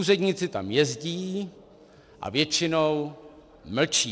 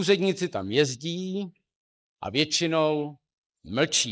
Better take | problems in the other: first | noise reduction (neural mask model Resemble Enhance denoiser)

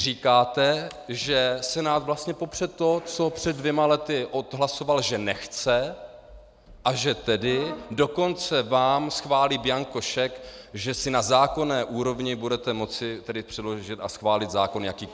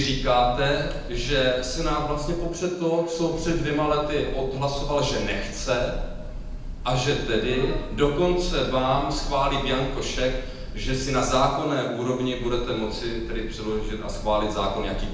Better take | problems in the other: first | background sound (Bird / Breathing); 6 dB below the speech // room echo; dies away in 0.9 s

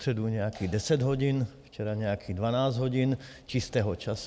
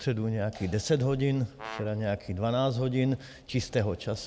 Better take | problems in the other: first | background sound (Brass instrument); 15 dB below the speech

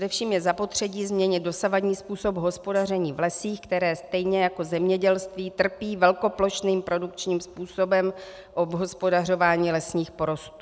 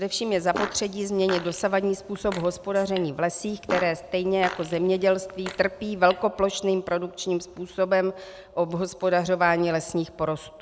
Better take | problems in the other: first | background sound (Fart); 13 dB below the speech

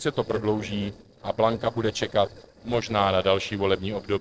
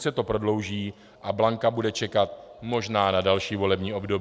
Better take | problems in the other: second | noise reduction (neural separator model SepFormer DNS4)

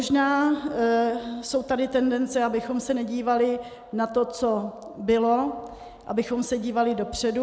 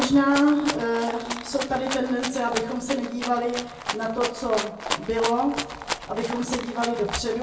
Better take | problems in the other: first | background sound (Rattle (instrument)); 8 dB below the speech // room echo; dies away in 0.3 s

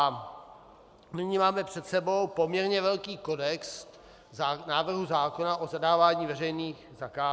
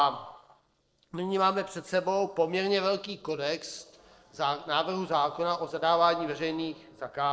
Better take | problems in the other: first | noise reduction (neural separator model SepFormer DNS4)

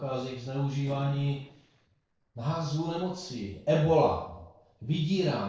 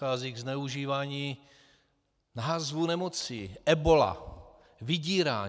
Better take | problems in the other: second | noise reduction (neural separator model SepFormer DNS4)

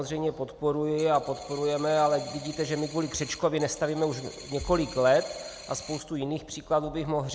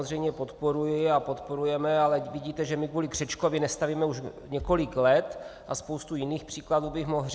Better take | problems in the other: second | background sound (Coin (dropping)); 17 dB below the speech

